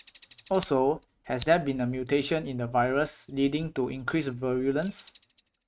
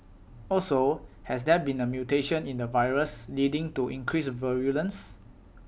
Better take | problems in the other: second | noise reduction (neural mask model RNNoise)

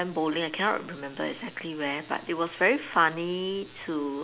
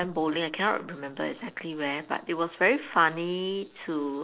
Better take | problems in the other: first | noise reduction (neural separator model SepFormer DNS4)

